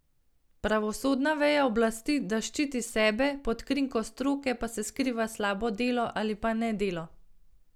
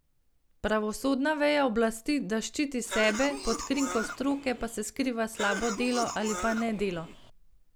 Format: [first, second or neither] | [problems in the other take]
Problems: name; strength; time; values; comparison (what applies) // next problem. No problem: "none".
first | background sound (Cough); 7 dB below the speech